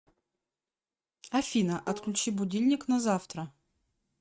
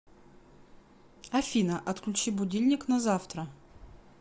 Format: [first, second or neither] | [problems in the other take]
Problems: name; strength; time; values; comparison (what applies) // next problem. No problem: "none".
second | noise reduction (neural mask model RNNoise)